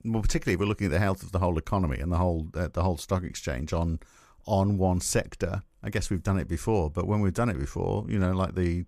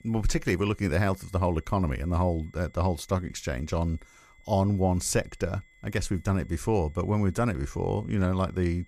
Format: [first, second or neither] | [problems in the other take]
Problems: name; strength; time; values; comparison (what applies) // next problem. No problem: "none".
first | high-pitched whine; faint; throughout; 2 kHz, 30 dB below the speech